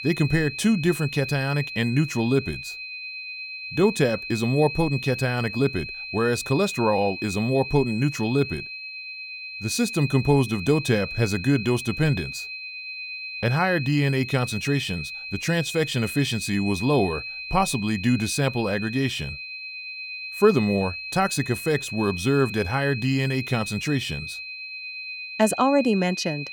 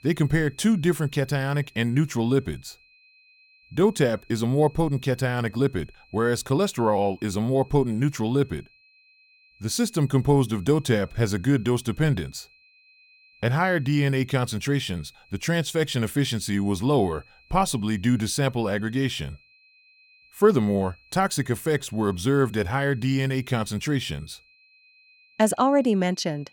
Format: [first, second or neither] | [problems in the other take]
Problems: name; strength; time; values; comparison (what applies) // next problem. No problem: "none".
second | high-pitched whine; loud; throughout; 2.5 kHz, 9 dB below the speech; faint in the second